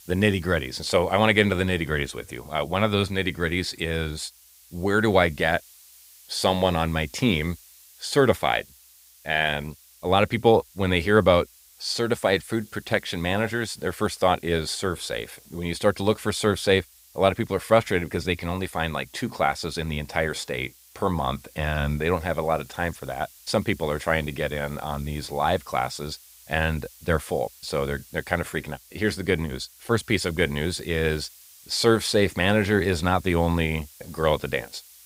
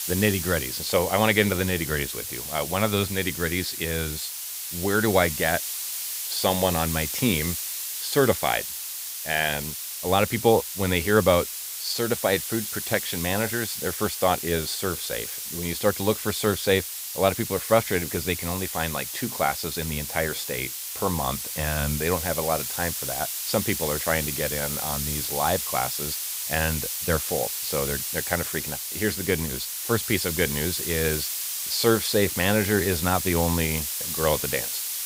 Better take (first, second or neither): first